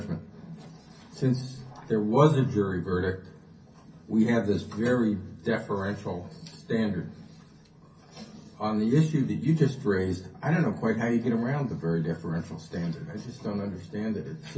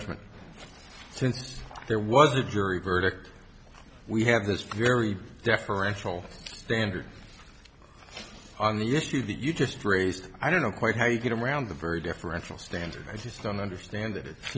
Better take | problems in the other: second | room echo; dies away in 0.3 s

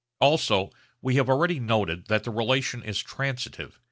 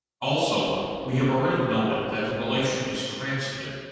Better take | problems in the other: first | noise reduction (neural separator model SepFormer DNS4)

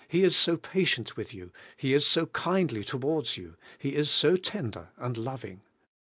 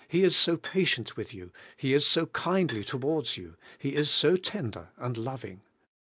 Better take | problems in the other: first | background sound (Bowed string instrument); 18 dB below the speech

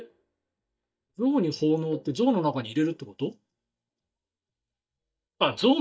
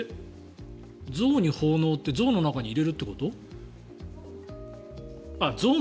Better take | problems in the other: second | noise reduction (neural mask model DeepFilterNet 3)

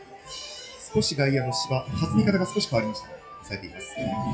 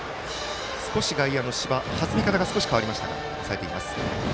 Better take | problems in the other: second | noise reduction (classical method WPE with log-MMSE)

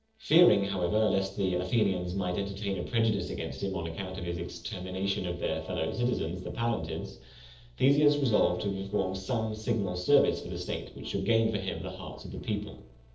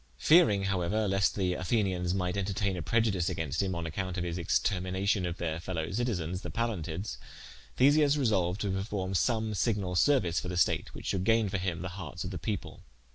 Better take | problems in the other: second | noise reduction (neural separator model SepFormer DNS4)

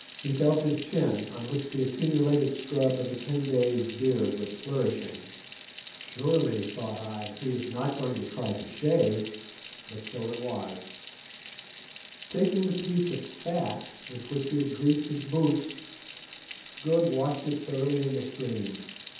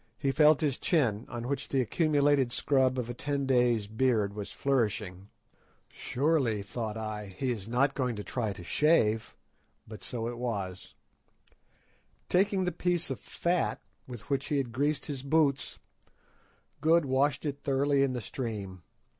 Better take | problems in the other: second | background sound (Sink (filling or washing) / Water tap, faucet); 16 dB below the speech // room echo; dies away in 0.8 s

